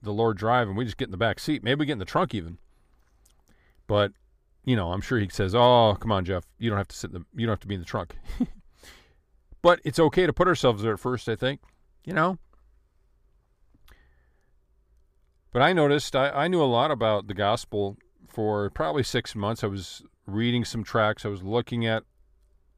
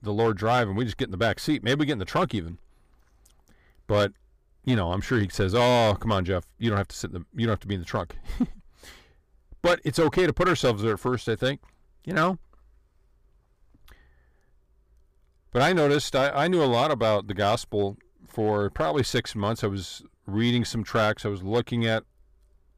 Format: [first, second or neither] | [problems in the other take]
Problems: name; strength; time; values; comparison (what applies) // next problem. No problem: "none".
first | distortion; slight; 4% of the sound clipped